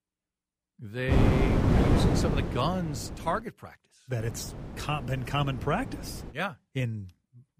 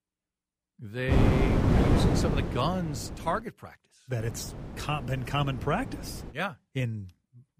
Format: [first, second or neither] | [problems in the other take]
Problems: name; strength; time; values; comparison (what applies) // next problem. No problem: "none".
neither | wind noise on the microphone; heavy; from 1 to 3.5 s and from 4 to 6.5 s; 2 dB above the speech; the same in both